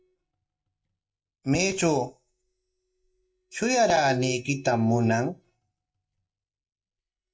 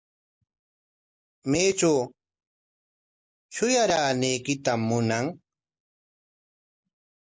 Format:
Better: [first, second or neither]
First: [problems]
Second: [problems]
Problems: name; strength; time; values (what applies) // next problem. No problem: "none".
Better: second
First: noise reduction (neural mask model DeepFilterNet 3)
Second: none